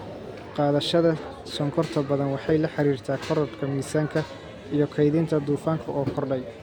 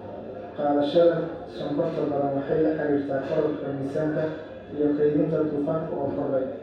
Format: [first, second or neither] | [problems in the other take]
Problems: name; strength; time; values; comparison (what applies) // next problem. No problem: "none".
first | room echo; dies away in 0.7 s